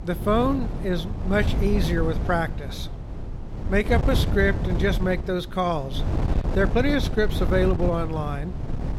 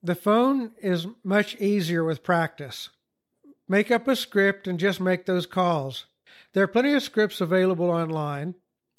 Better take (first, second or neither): second